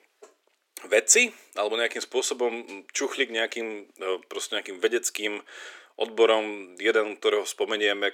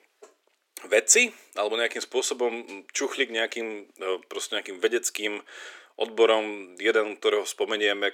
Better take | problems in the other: neither | thin; very; fading below 350 Hz; the same in both

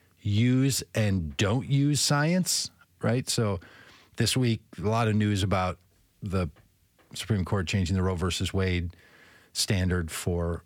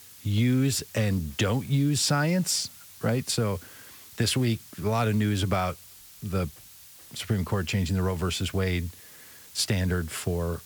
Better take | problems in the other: first | hiss; noticeable; throughout; 20 dB below the speech

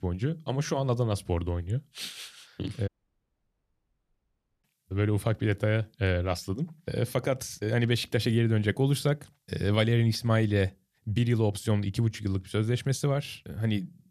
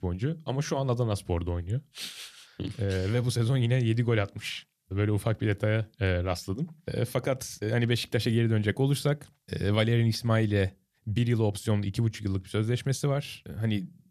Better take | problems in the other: second | audio cutting out; at 3 s for 2 s

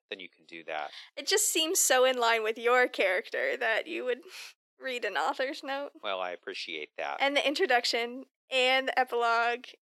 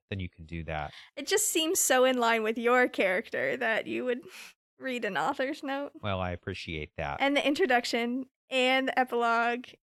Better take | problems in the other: second | thin; somewhat; fading below 350 Hz

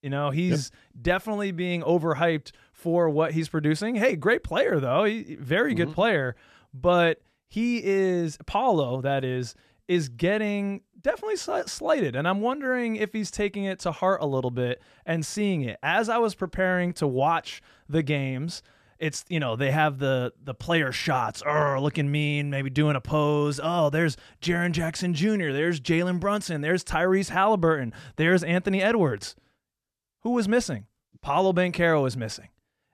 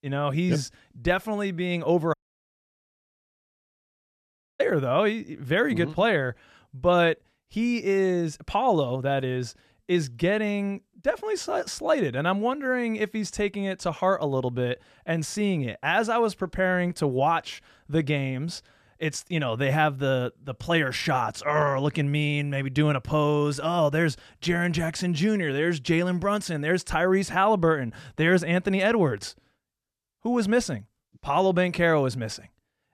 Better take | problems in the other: first | audio cutting out; at 2 s for 2.5 s

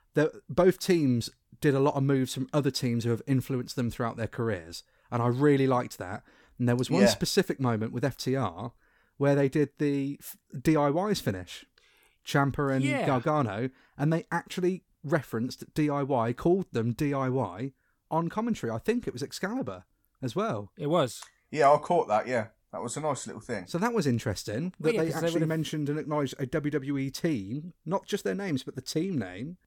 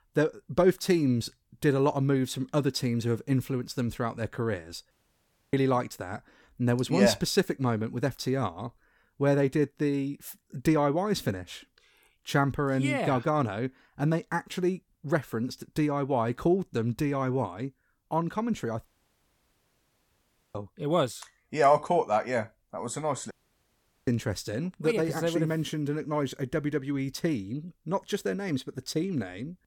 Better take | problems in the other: first | audio cutting out; at 5 s for 0.5 s, at 19 s for 1.5 s and at 23 s for 1 s

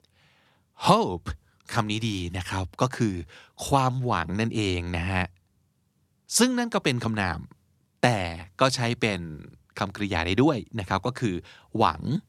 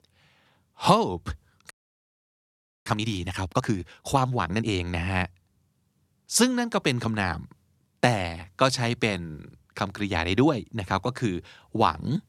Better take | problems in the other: first | audio freezing; at 1.5 s for 1 s

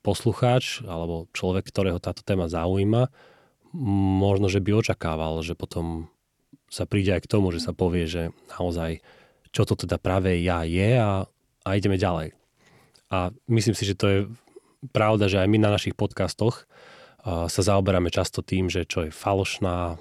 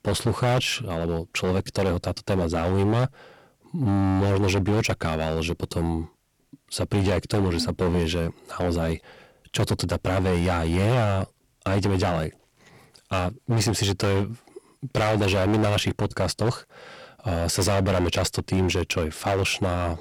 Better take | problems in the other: first | distortion; heavy; 14% of the sound clipped

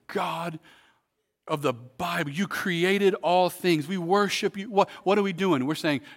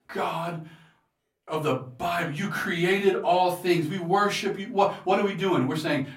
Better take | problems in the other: first | off-mic speech; far // room echo; very slight; dies away in 0.3 s

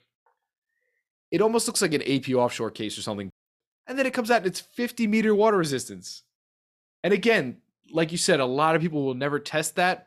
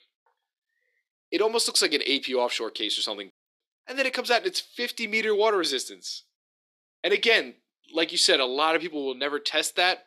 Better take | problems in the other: first | thin; somewhat; fading below 300 Hz

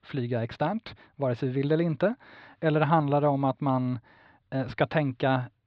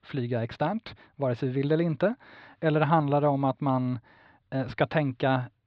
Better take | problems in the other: neither | muffled; slightly; fading above 4 kHz; the same in both

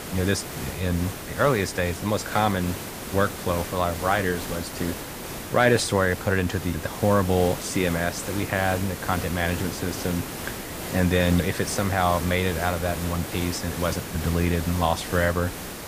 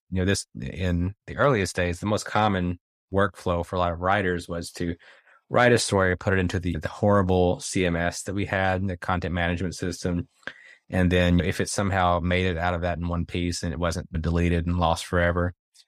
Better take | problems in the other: second | hiss; loud; throughout; 8 dB below the speech

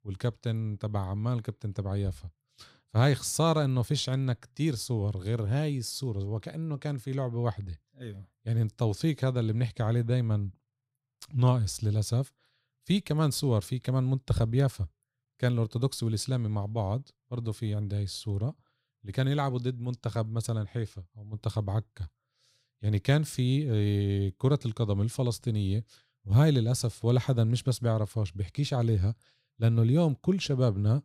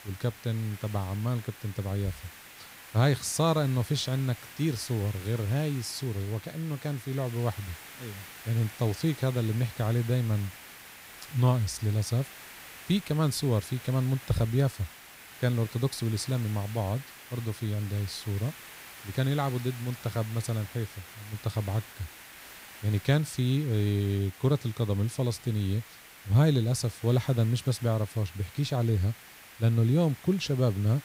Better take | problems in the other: first | hiss; noticeable; throughout; 15 dB below the speech

